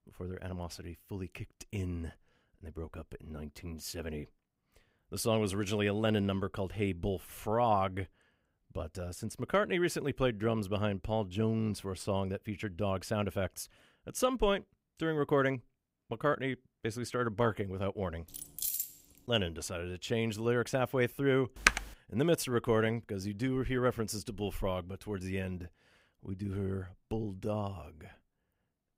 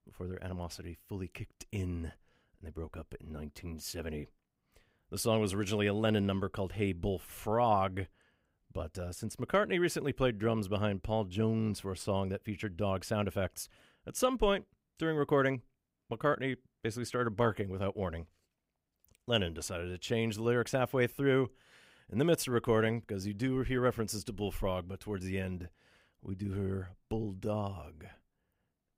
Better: second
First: jangling keys; loud; at 18 s; peak 1 dB above the speech // keyboard typing; loud; at 22 s; peak 6 dB above the speech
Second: none

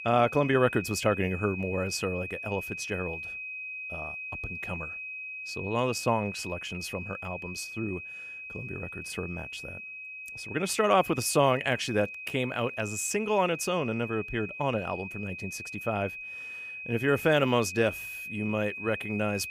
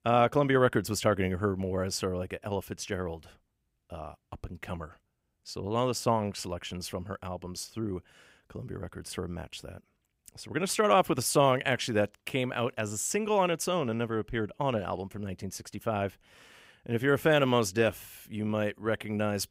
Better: second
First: high-pitched whine; loud; throughout; 2.5 kHz, 8 dB below the speech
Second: none

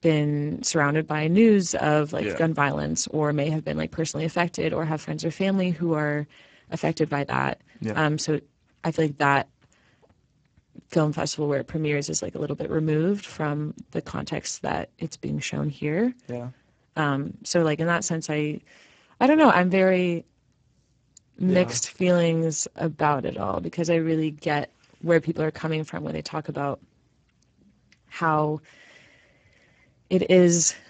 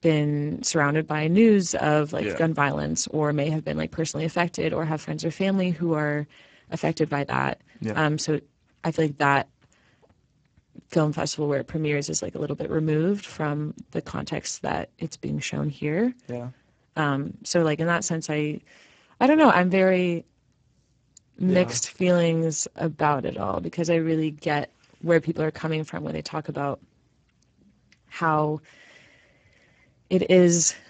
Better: neither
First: garbled, watery; badly; nothing above 7.5 kHz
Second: garbled, watery; badly; nothing above 7.5 kHz

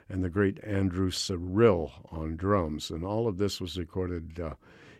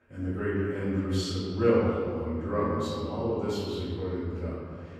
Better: first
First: none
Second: off-mic speech; far // room echo; strong; dies away in 2 s

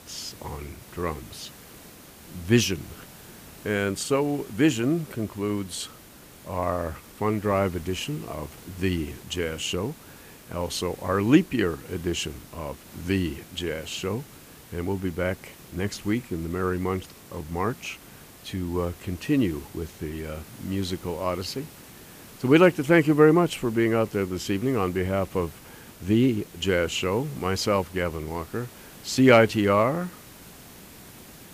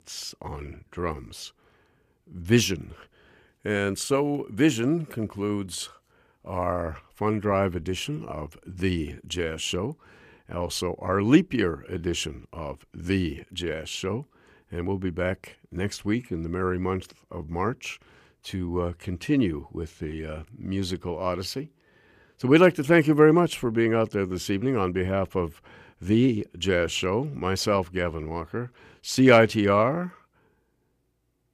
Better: second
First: hiss; faint; throughout; 20 dB below the speech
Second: none

